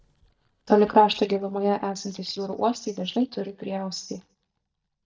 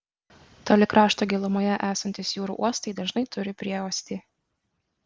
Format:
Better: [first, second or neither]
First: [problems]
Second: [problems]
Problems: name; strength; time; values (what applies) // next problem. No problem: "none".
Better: second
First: noise reduction (neural mask model DeepFilterNet 3)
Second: none